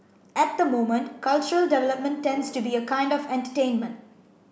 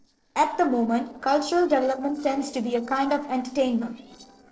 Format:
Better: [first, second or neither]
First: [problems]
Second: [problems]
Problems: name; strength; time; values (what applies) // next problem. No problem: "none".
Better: first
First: none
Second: noise reduction (neural separator model SepFormer DNS4)